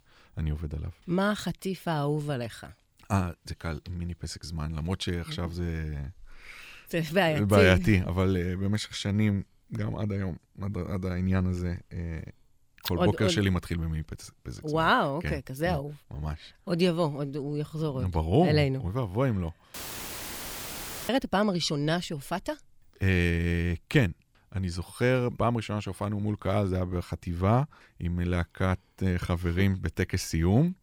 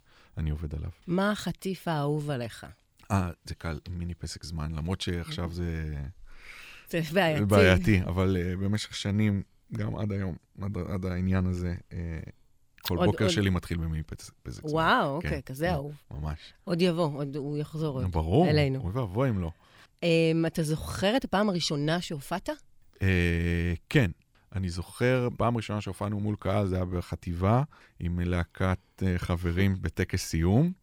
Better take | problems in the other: second | audio cutting out; filled with static; at 20 s for 1.5 s

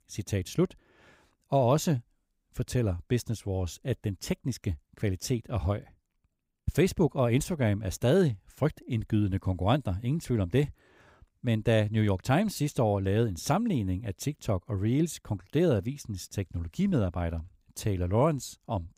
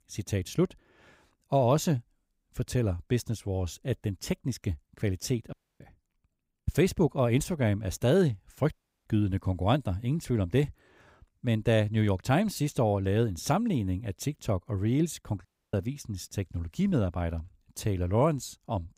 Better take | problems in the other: first | audio cutting out; at 5.5 s, at 8.5 s and at 15 s

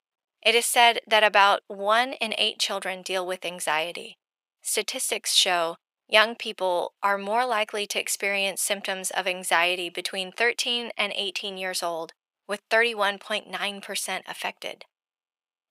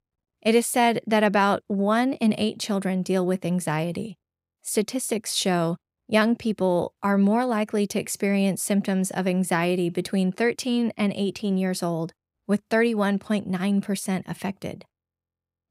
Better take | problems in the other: second | thin; very; fading below 750 Hz

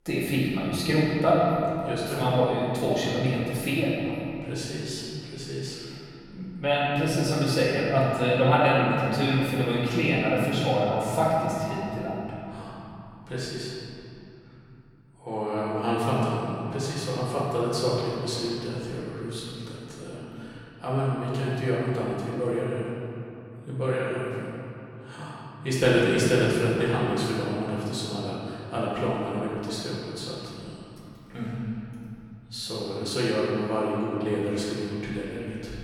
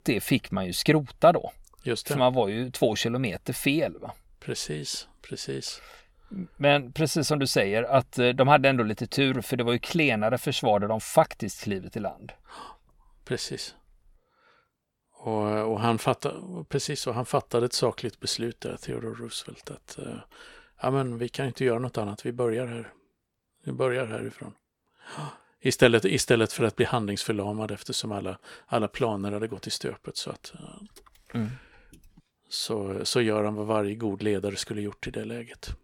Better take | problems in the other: second | room echo; strong; dies away in 3 s // off-mic speech; far

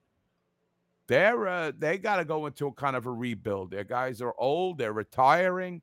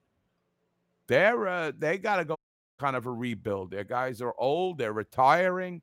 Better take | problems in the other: first | audio cutting out; at 2.5 s

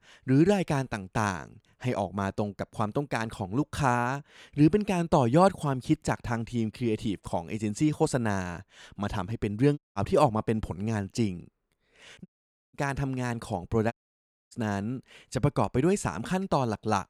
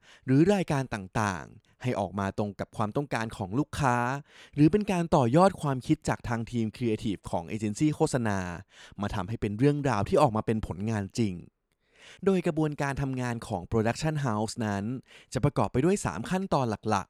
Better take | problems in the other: second | audio cutting out; at 10 s, at 12 s and at 14 s for 0.5 s

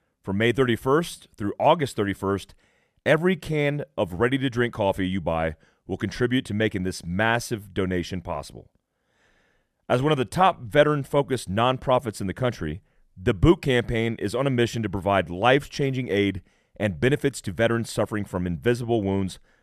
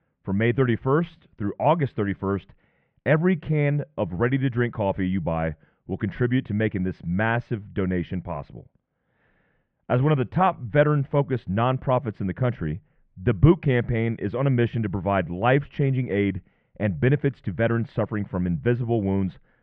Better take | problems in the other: first | muffled; very; fading above 2.5 kHz

